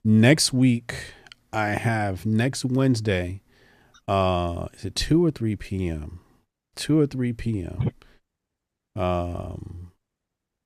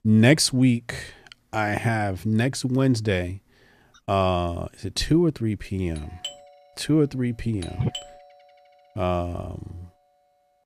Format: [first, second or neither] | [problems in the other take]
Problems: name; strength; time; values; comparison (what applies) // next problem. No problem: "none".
first | doorbell; faint; from 6 to 8 s; peak 10 dB below the speech